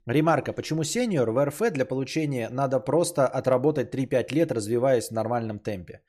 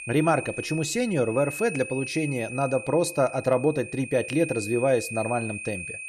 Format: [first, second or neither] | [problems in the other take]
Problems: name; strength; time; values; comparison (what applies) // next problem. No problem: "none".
first | high-pitched whine; loud; throughout; 2.5 kHz, 9 dB below the speech